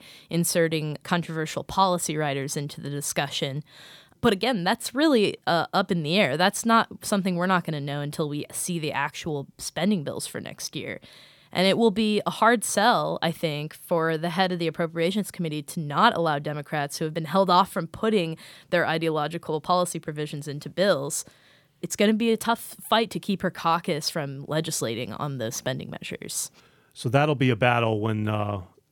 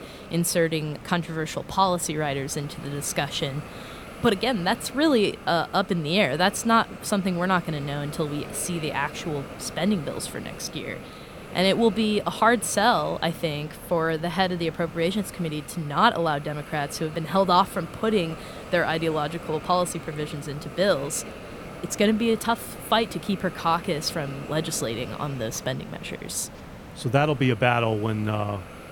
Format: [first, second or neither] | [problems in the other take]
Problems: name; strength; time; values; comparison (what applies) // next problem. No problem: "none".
first | hiss; noticeable; throughout; 15 dB below the speech